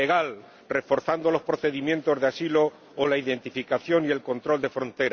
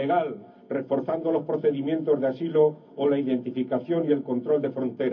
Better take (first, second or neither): first